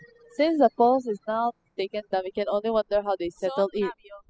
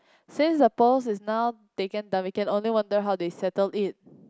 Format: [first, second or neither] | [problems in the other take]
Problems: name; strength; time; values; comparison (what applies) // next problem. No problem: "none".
second | noise reduction (classical method spectral subtraction)